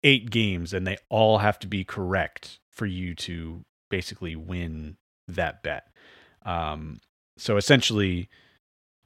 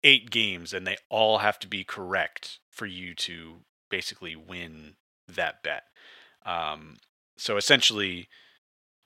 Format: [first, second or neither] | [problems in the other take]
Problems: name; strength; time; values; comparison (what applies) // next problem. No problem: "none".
first | thin; somewhat; fading below 800 Hz